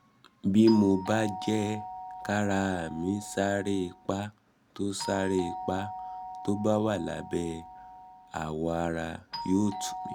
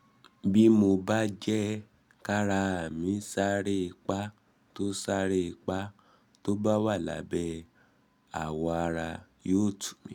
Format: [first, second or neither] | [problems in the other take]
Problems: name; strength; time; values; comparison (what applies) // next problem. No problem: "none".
second | background sound (Doorbell); 12 dB below the speech